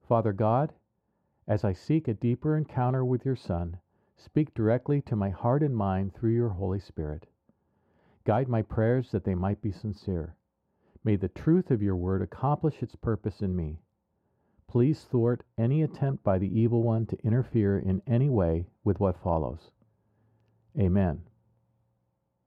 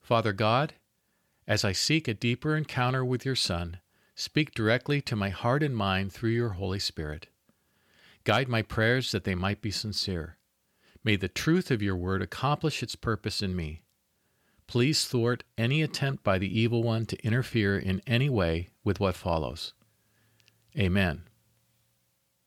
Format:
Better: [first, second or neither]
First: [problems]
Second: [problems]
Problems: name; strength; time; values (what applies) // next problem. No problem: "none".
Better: second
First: muffled; very; fading above 1.5 kHz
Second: none